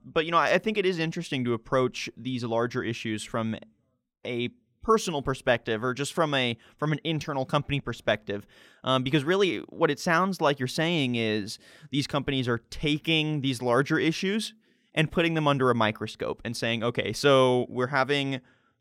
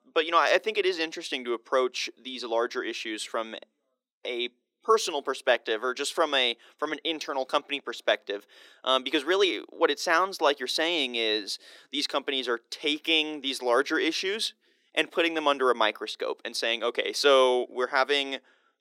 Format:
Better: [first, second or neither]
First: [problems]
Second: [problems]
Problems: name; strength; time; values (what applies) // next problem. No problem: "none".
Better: first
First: none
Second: thin; somewhat; fading below 350 Hz